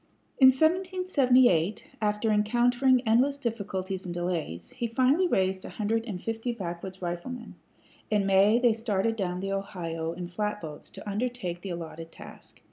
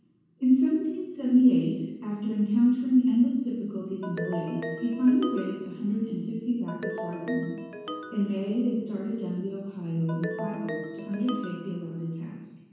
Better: first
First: none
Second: background sound (Ringtone); 11 dB below the speech // room echo; dies away in 1.2 s

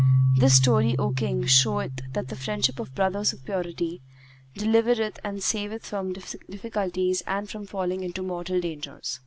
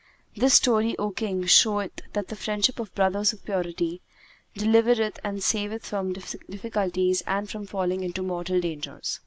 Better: second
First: background sound (Keyboard (musical)); 2 dB below the speech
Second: none

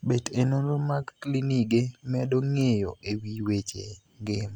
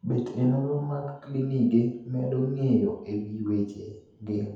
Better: first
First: none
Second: room echo; dies away in 0.8 s

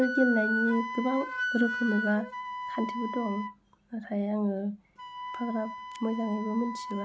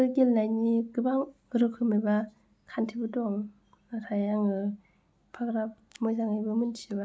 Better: second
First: background sound (Wind instrument, woodwind instrument); 5 dB below the speech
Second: none

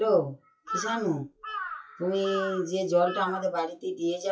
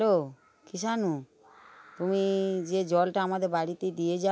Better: second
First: noise reduction (classical method WPE with log-MMSE)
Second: none

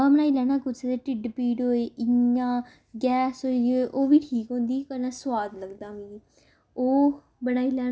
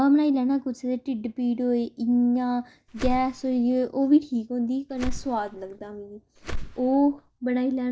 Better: first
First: none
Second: noise reduction (neural mask model DeepFilterNet 3)

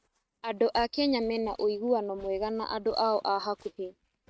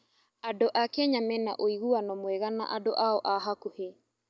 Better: second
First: noise reduction (neural mask model RNNoise)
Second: none

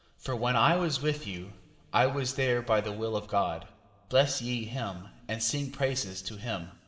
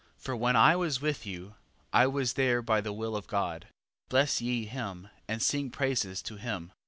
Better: second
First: room echo; dies away in 2.7 s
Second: none

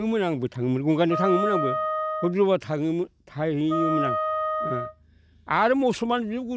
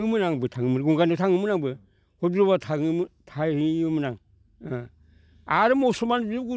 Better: second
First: background sound (Wind instrument, woodwind instrument); 4 dB below the speech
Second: none

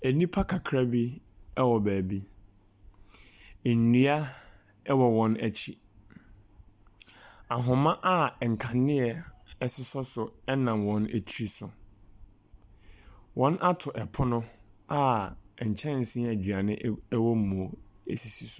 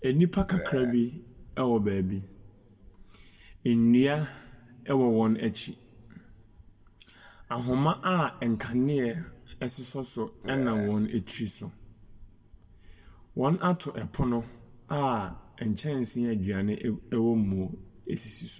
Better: first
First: none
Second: background sound (Burping, eructation); 8 dB below the speech // room echo; dies away in 1.4 s

